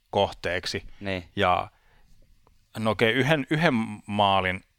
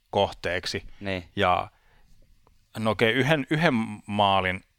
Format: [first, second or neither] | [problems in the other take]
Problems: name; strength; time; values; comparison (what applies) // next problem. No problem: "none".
neither | none